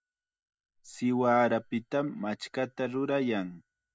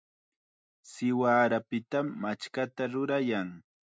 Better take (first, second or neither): second